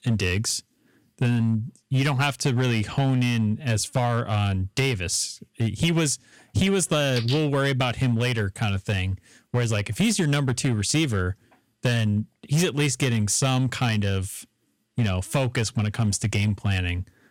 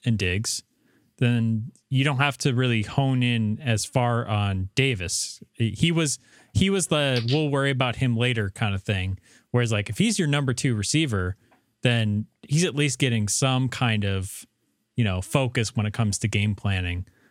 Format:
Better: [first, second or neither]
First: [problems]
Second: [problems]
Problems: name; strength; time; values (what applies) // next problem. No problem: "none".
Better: second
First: distortion; slight; 6% of the sound clipped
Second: none